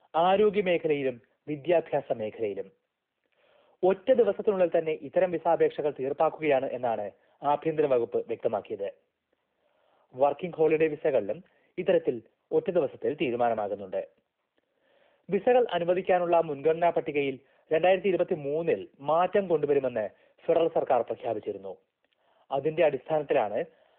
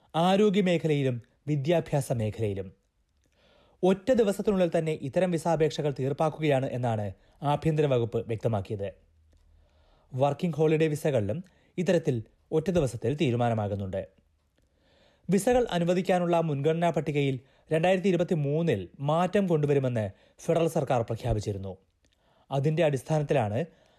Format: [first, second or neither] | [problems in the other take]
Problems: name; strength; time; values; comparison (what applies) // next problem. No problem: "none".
second | phone-call audio